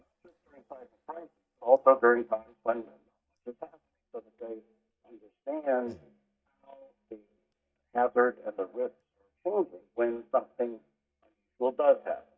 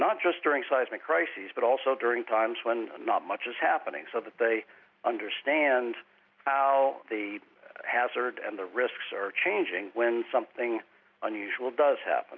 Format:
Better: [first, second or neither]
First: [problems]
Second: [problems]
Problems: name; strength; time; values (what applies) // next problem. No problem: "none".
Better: second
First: noise reduction (neural mask model DeepFilterNet 3)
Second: none